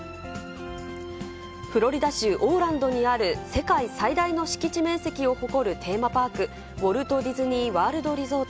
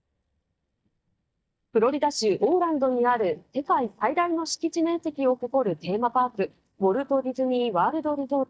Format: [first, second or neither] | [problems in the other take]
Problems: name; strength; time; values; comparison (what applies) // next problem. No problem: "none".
first | noise reduction (neural mask model DeepFilterNet 3)